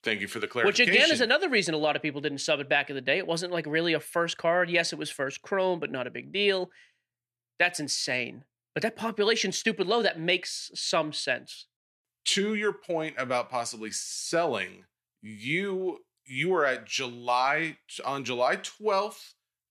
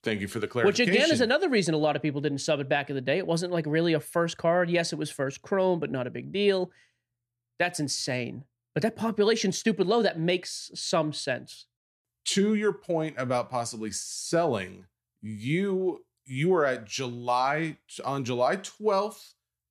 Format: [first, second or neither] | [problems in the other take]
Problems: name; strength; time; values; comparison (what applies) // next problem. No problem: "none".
second | thin; very slightly; fading below 650 Hz